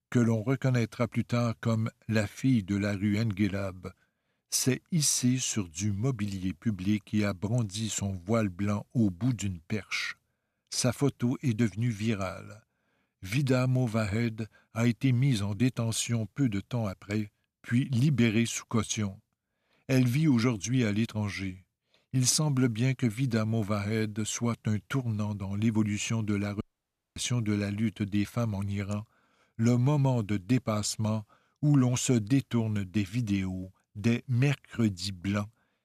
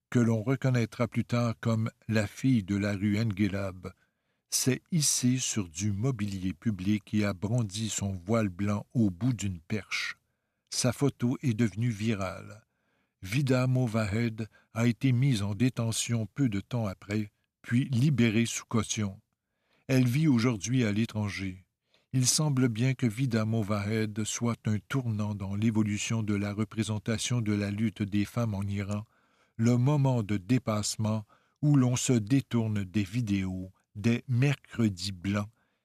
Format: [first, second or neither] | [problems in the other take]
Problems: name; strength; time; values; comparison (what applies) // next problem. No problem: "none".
second | audio cutting out; at 27 s for 0.5 s